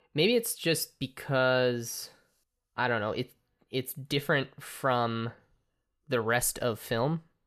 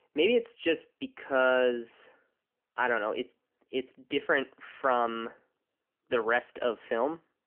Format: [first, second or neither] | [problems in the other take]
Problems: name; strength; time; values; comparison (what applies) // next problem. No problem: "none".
first | phone-call audio; nothing above 3 kHz